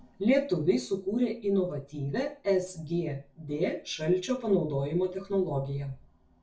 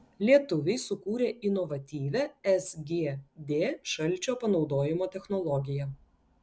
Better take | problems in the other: second | room echo; dies away in 0.3 s

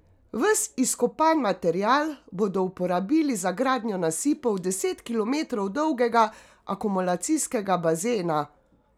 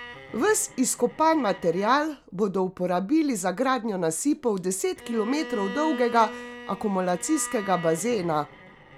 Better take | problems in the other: first | background sound (Bowed string instrument); 16 dB below the speech

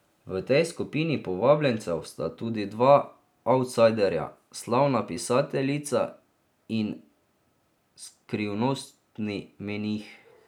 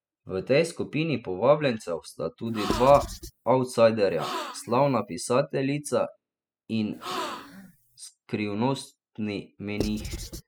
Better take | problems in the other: first | noise reduction (classical method spectral subtraction)

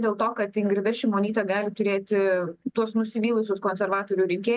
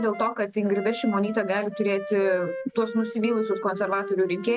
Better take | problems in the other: first | background sound (Wind instrument, woodwind instrument); 11 dB below the speech

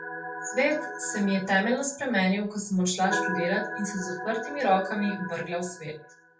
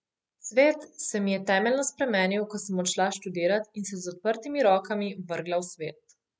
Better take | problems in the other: second | background sound (Organ); 8 dB below the speech // room echo; dies away in 0.3 s

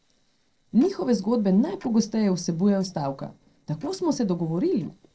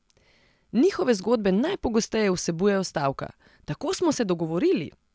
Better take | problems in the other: second | noise reduction (neural separator model SepFormer DNS4)

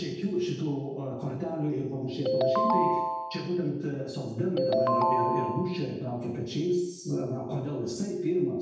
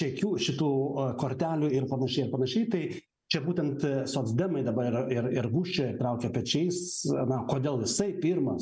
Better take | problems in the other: second | background sound (Ringtone); 2 dB above the speech // room echo; dies away in 0.8 s

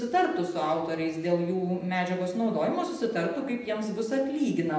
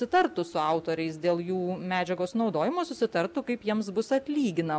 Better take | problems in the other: second | room echo; dies away in 0.8 s

